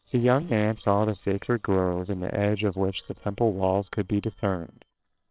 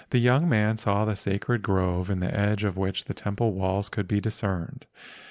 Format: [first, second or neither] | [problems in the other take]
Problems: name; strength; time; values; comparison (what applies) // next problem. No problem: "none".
second | noise reduction (neural separator model SepFormer WHAMR!)